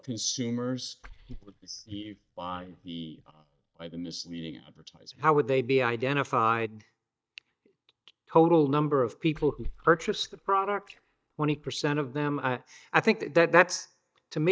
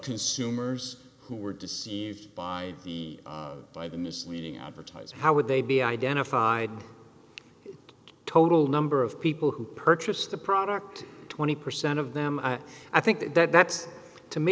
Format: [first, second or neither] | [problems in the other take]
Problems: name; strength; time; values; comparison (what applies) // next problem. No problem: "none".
second | noise reduction (neural mask model DeepFilterNet 3)